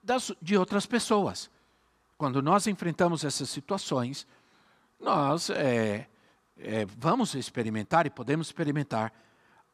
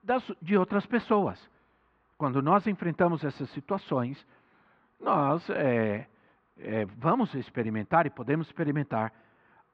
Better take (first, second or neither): first